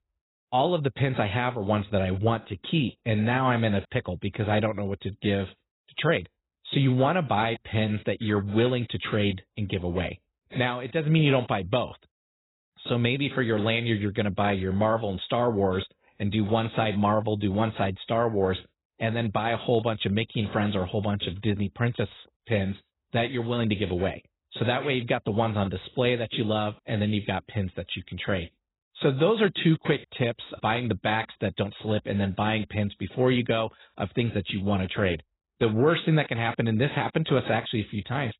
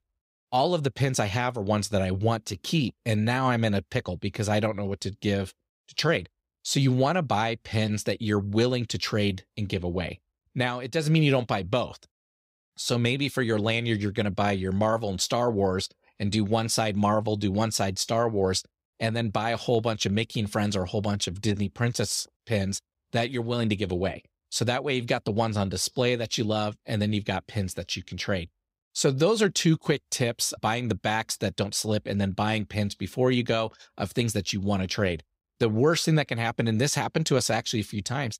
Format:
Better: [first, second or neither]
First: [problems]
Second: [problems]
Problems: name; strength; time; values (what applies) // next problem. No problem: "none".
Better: second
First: garbled, watery; badly; nothing above 4 kHz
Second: none